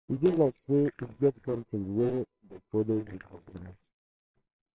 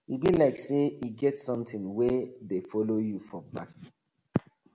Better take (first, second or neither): second